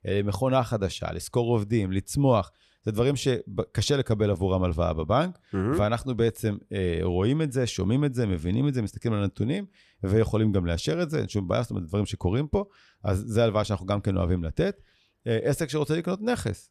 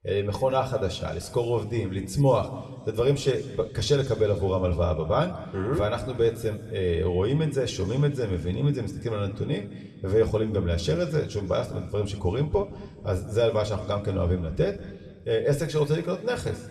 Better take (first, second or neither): first